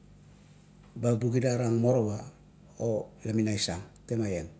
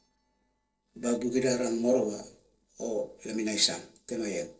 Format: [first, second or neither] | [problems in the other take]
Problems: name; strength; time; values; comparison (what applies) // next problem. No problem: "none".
first | noise reduction (neural separator model SepFormer DNS4)